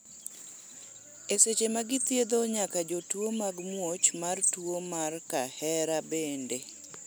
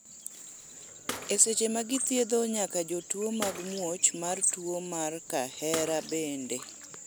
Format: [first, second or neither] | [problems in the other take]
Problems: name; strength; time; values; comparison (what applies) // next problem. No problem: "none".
first | background sound (Bathtub (filling or washing) / Water / Splash, splatter); 14 dB below the speech